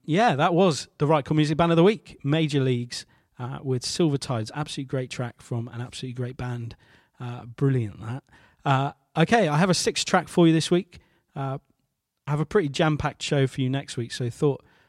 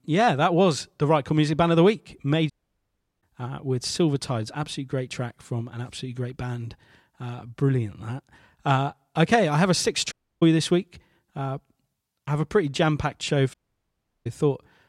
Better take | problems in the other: first | audio cutting out; at 2.5 s for 0.5 s, at 10 s and at 14 s for 0.5 s

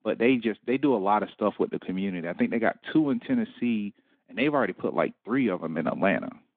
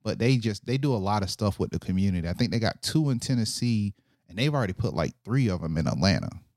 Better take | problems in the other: second | phone-call audio; nothing above 3.5 kHz

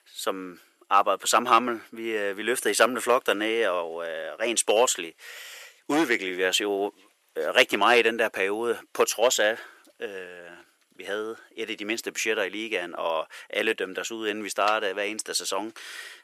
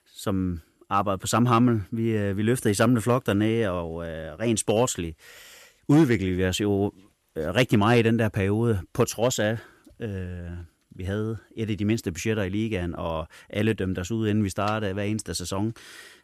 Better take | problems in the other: second | thin; very; fading below 450 Hz

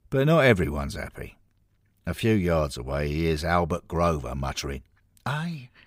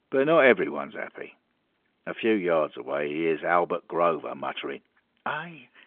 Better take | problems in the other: first | phone-call audio; nothing above 3.5 kHz

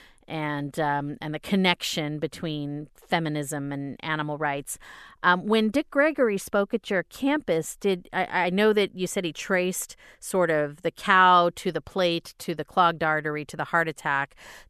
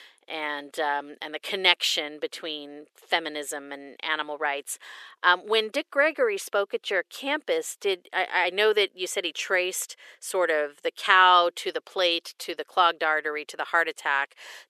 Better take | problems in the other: first | thin; very; fading below 400 Hz

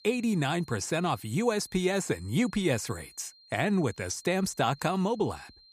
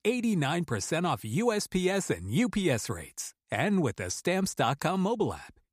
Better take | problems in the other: second | high-pitched whine; faint; throughout; 4 kHz, 25 dB below the speech

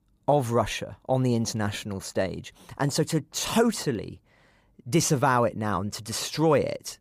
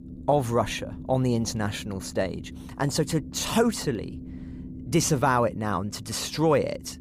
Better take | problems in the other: first | low rumble; faint; throughout; 20 dB below the speech

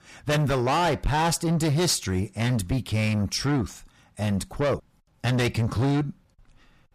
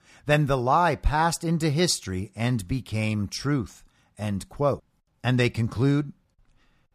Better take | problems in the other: second | distortion; heavy; 6 dB below the speech

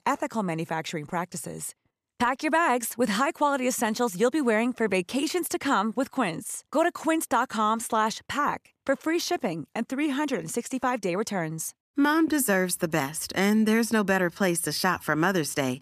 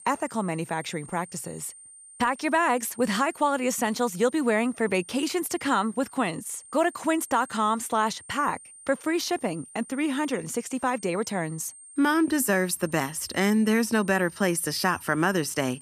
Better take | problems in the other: first | high-pitched whine; noticeable; throughout; 8.5 kHz, 20 dB below the speech

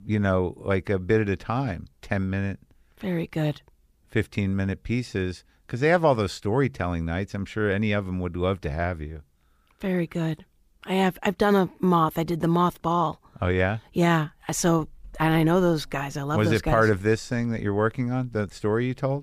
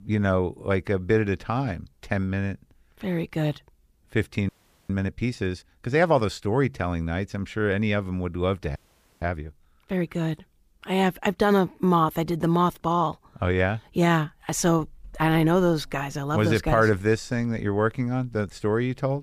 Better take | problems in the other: first | audio freezing; at 4.5 s and at 9 s

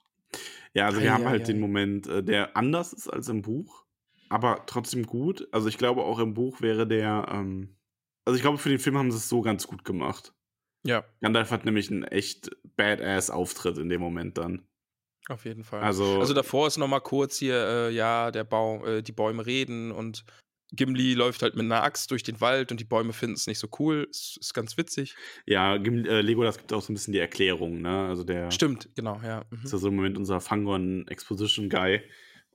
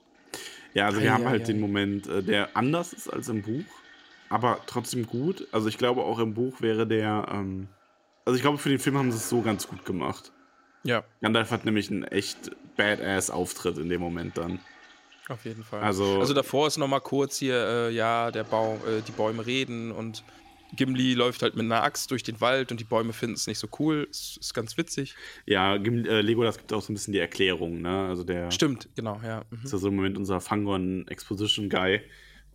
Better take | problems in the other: first | household noises; faint; throughout; 25 dB below the speech

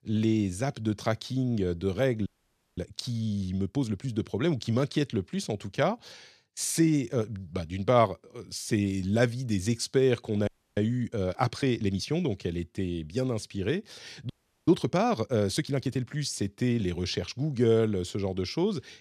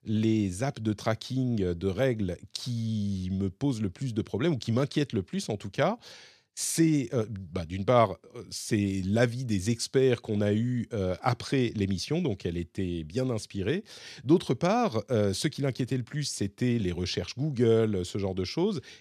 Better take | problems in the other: second | audio freezing; at 2.5 s for 0.5 s, at 10 s and at 14 s

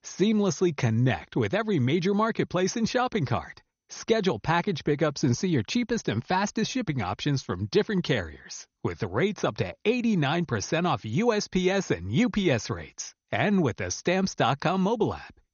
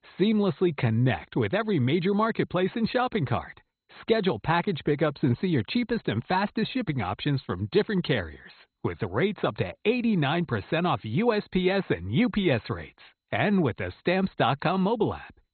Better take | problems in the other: first | garbled, watery; badly; nothing above 4 kHz; slightly in the first

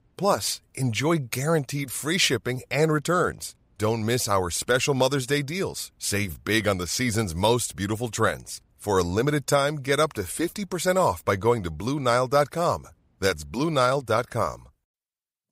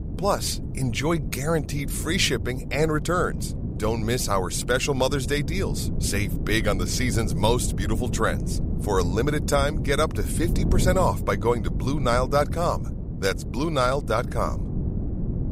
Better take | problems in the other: first | wind noise on the microphone; occasional gusts; 15 dB below the speech

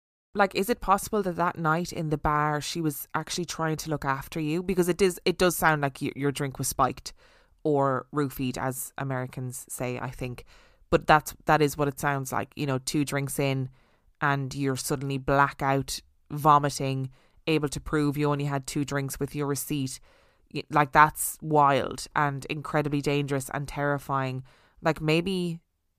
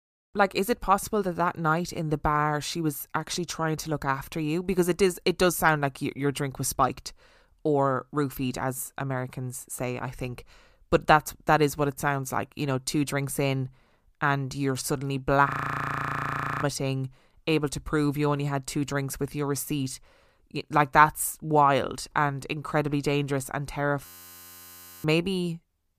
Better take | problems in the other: first | audio freezing; at 15 s for 1 s and at 24 s for 1 s

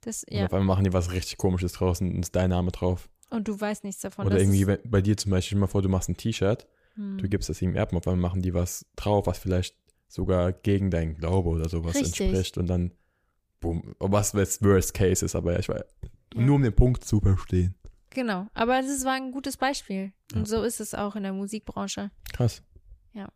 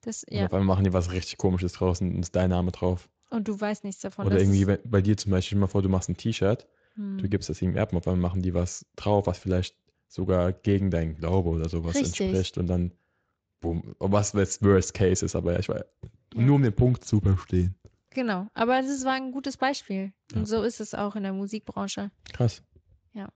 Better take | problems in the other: first | garbled, watery; slightly; nothing above 7.5 kHz

